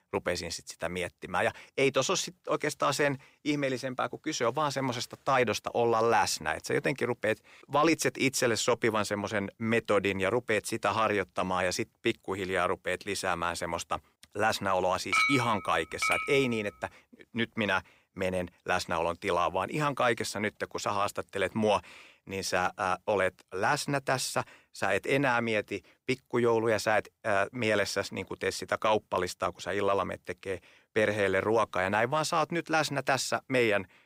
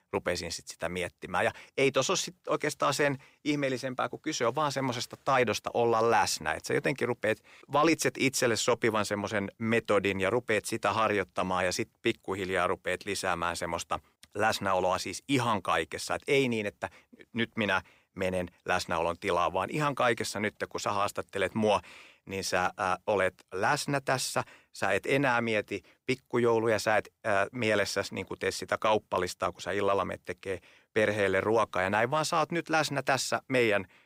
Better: second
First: clattering dishes; loud; from 15 to 16 s; peak 4 dB above the speech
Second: none

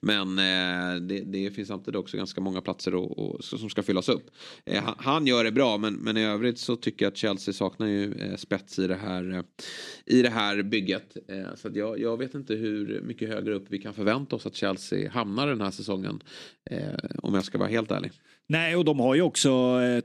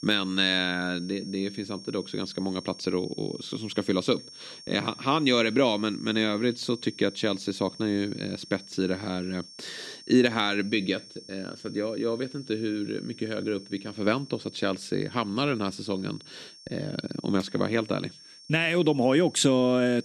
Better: first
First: none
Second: high-pitched whine; noticeable; throughout; 5.5 kHz, 15 dB below the speech

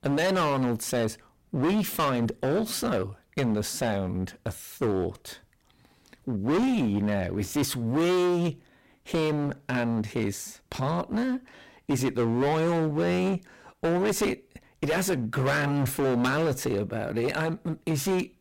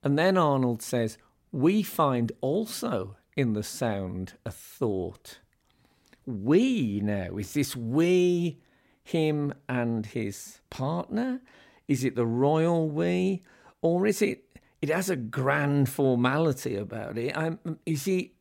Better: second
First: distortion; heavy; 19% of the sound clipped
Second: none

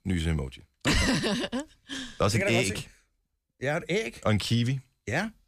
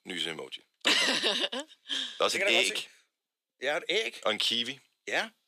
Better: first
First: none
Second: thin; very; fading below 350 Hz

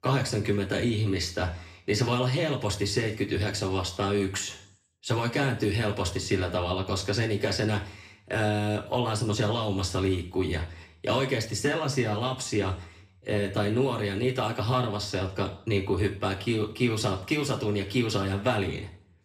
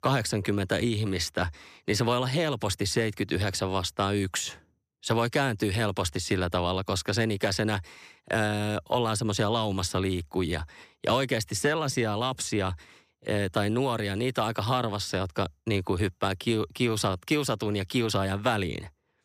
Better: second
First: room echo; slight; dies away in 0.5 s // off-mic speech; somewhat distant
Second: none

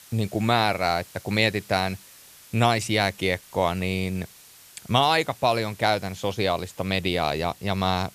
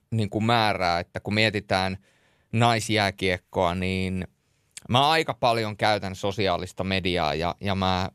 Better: second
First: hiss; faint; throughout; 20 dB below the speech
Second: none

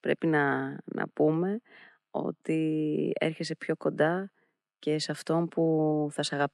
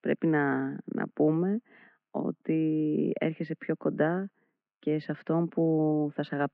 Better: first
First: none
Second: muffled; very; fading above 2.5 kHz

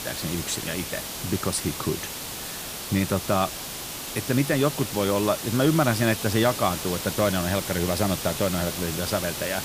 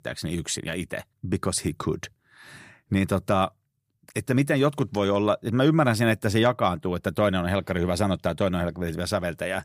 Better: second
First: hiss; loud; throughout; 5 dB below the speech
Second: none

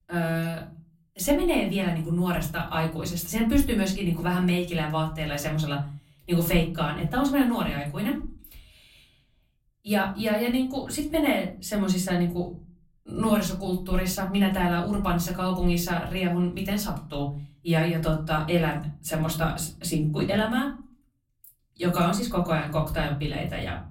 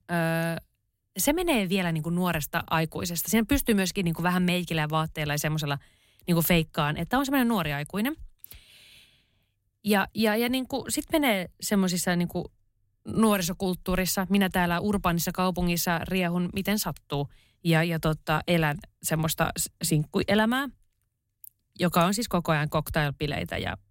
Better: second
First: off-mic speech; far // room echo; very slight; dies away in 0.4 s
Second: none

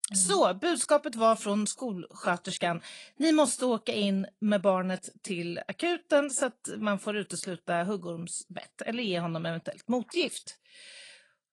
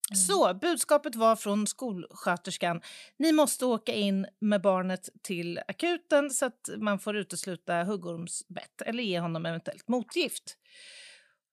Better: second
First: garbled, watery; slightly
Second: none

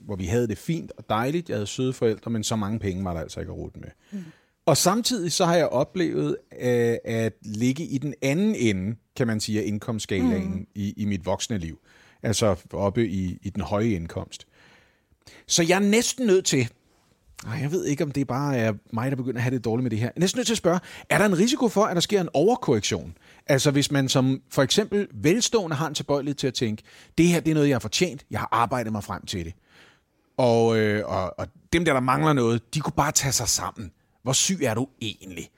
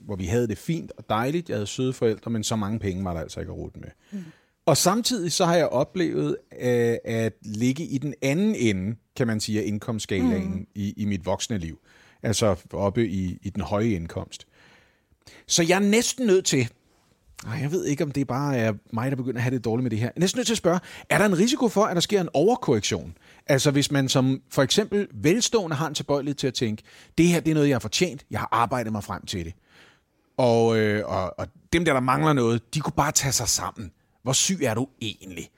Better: neither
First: none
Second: none

